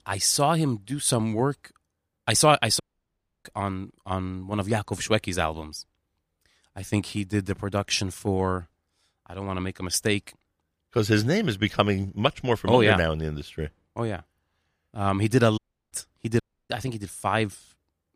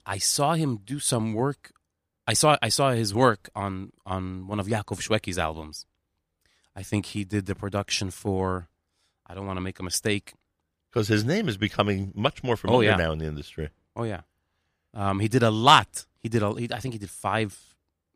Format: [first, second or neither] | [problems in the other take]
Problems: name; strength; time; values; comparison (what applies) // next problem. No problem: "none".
second | audio cutting out; at 3 s for 0.5 s and at 16 s